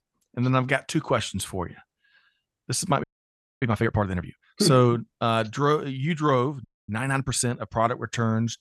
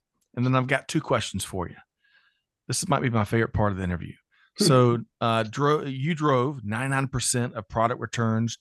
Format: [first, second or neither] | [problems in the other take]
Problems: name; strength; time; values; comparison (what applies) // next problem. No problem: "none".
second | audio freezing; at 3 s for 0.5 s and at 6.5 s